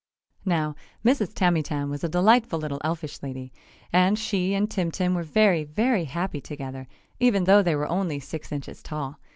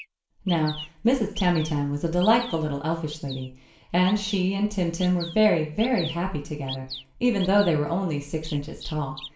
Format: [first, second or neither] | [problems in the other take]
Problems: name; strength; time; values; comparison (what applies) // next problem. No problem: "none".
first | background sound (Bird vocalization, bird call, bird song); 17 dB below the speech // room echo; dies away in 0.5 s